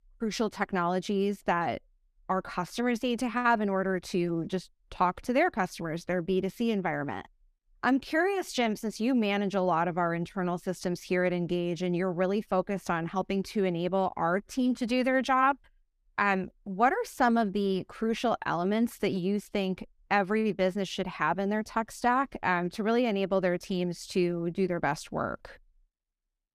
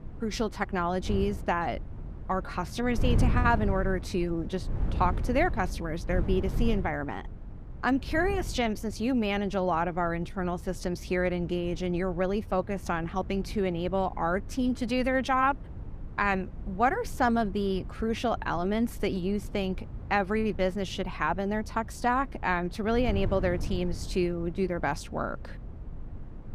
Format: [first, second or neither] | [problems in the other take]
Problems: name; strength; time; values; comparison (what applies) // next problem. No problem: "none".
first | wind noise on the microphone; occasional gusts; 20 dB below the speech